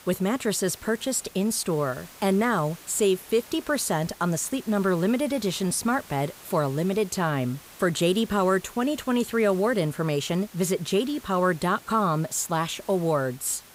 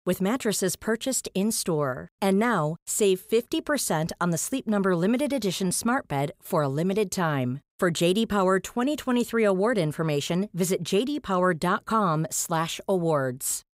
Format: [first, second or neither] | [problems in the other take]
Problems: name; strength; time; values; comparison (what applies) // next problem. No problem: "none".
second | hiss; faint; throughout; 20 dB below the speech